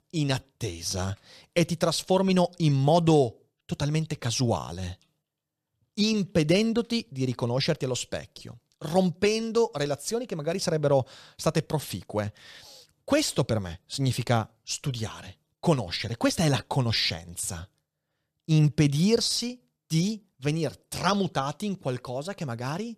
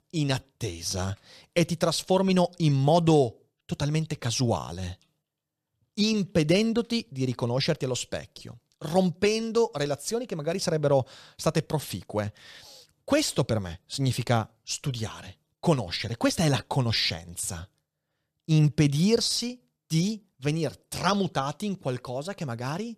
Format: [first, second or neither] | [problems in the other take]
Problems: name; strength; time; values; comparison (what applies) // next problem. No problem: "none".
neither | none